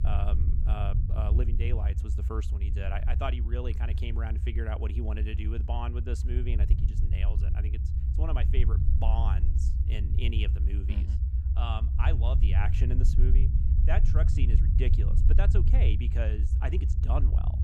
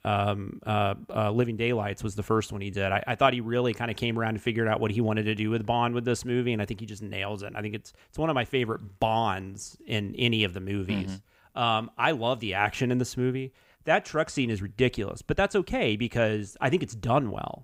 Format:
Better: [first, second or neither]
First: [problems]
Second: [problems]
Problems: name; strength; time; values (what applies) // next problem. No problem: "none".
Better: second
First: low rumble; loud; throughout; 5 dB below the speech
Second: none